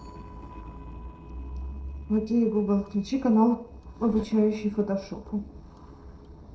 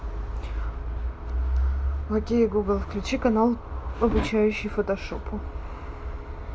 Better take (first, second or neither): second